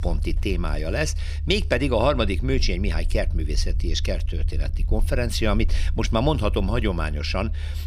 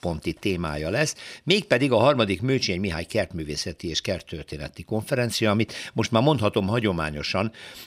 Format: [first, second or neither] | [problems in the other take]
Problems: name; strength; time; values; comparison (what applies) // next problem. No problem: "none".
second | low rumble; faint; throughout; 20 dB below the speech